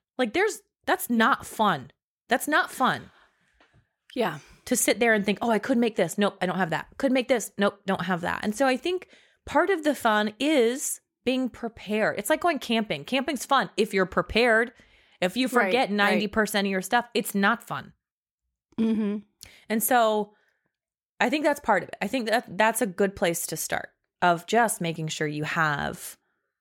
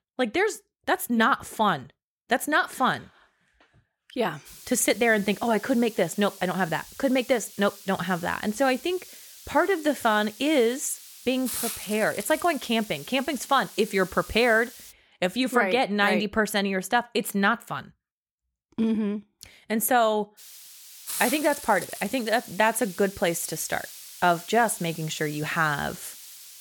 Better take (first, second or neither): first